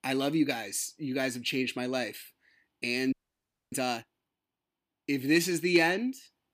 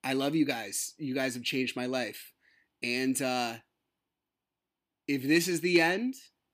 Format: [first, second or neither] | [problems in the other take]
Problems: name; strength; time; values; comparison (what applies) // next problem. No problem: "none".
second | audio freezing; at 3 s for 0.5 s